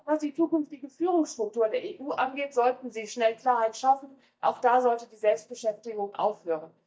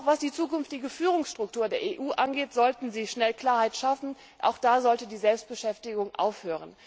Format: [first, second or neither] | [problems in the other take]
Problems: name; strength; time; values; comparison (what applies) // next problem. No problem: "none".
second | noise reduction (neural mask model DeepFilterNet 3)